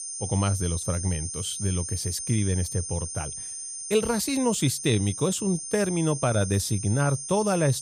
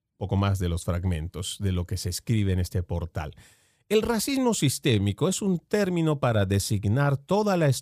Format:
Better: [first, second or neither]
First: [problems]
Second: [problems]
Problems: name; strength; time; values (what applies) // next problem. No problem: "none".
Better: second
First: high-pitched whine; loud; throughout; 9 kHz, 6 dB below the speech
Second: none